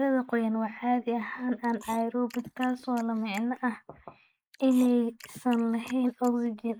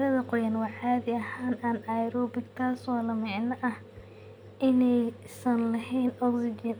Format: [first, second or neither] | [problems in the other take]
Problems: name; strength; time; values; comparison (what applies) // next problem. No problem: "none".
second | noise reduction (neural mask model Resemble Enhance denoiser)